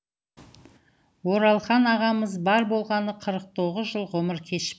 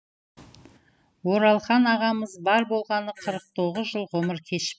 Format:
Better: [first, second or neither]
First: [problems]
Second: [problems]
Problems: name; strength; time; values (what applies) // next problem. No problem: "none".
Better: first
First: none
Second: noise reduction (classical method spectral subtraction)